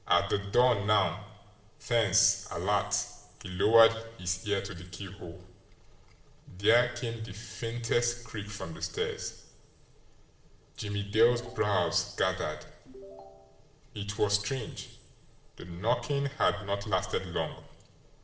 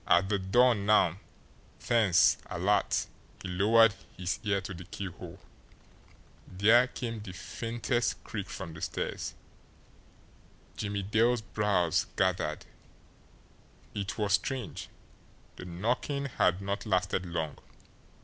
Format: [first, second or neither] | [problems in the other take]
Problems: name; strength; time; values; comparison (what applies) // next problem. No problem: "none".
second | noise reduction (neural separator model SepFormer DNS4)